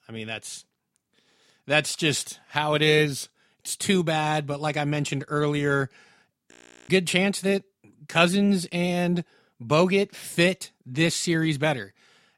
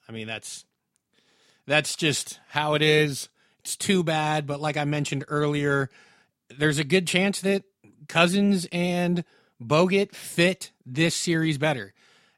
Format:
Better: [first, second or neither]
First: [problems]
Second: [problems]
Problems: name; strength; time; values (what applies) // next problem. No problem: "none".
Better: second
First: audio freezing; at 6.5 s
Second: none